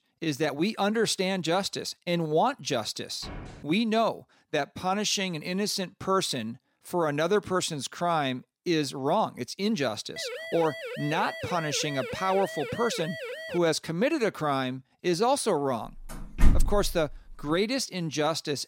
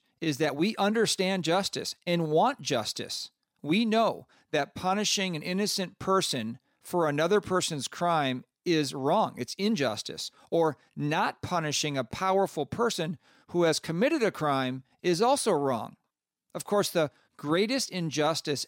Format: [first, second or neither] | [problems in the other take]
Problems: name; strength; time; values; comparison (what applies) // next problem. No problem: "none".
second | door banging; faint; at 3 s; peak 15 dB below the speech // siren; noticeable; from 10 to 14 s; peak 8 dB below the speech // door banging; loud; at 16 s; peak 2 dB above the speech